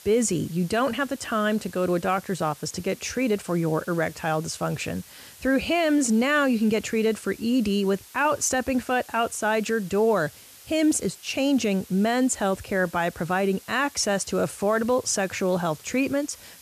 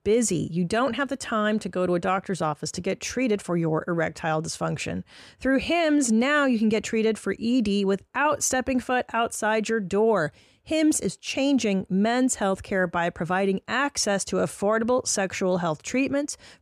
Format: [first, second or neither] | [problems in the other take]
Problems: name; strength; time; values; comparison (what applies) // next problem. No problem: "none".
second | hiss; faint; throughout; 20 dB below the speech